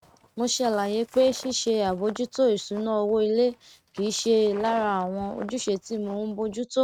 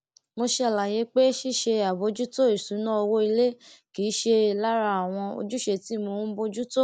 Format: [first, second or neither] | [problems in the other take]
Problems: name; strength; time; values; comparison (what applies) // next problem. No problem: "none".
second | noise reduction (neural mask model RNNoise)